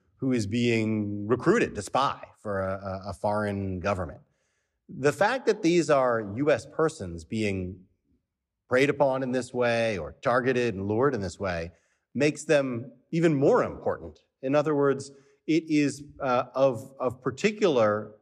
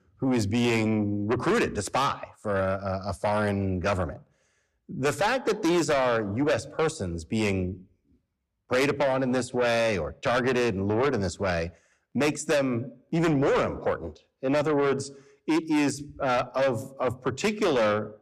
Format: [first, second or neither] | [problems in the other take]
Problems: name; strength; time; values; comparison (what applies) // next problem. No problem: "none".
first | distortion; heavy; 7 dB below the speech